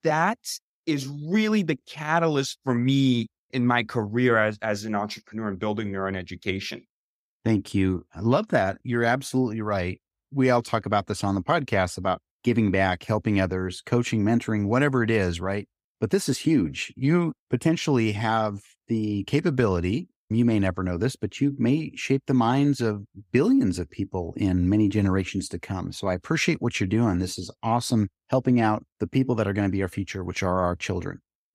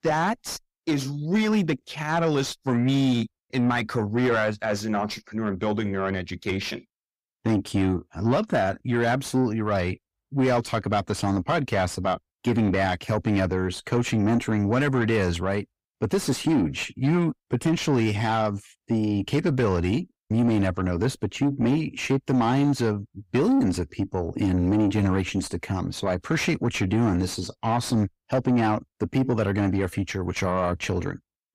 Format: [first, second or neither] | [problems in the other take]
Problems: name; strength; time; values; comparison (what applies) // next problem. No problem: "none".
first | distortion; slight; 10 dB below the speech